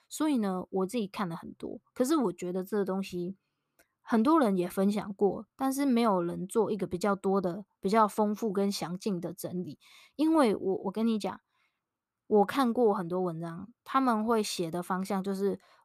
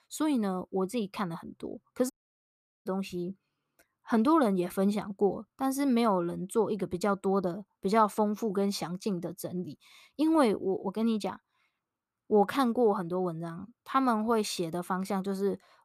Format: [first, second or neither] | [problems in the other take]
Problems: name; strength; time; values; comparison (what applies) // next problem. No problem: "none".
first | audio cutting out; at 2 s for 1 s